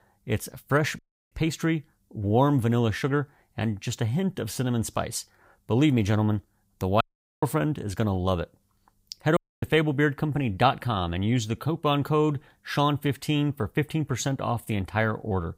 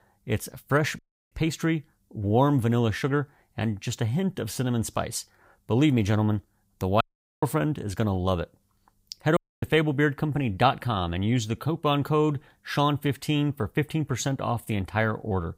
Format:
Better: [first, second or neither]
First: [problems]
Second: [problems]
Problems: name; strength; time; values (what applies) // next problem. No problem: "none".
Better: neither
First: audio cutting out; at 1 s, at 7 s and at 9.5 s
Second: audio cutting out; at 1 s, at 7 s and at 9.5 s